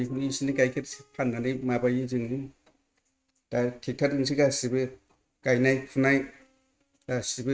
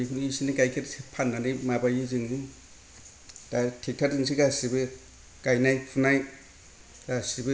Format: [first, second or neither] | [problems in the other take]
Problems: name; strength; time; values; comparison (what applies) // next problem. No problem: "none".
second | noise reduction (neural mask model RNNoise)